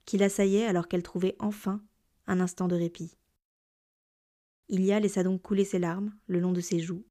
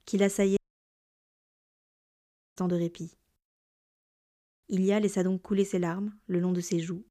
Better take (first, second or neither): first